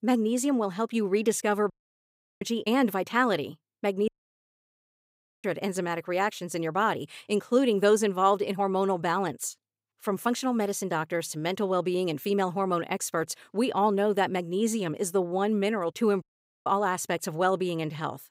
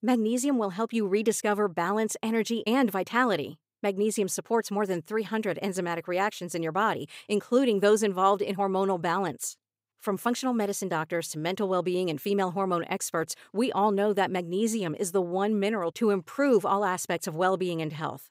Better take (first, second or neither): second